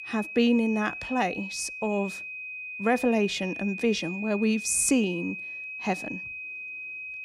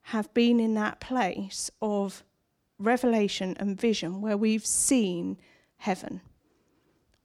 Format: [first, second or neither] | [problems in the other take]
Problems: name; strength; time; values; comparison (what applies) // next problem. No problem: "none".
second | high-pitched whine; loud; throughout; 2.5 kHz, 8 dB below the speech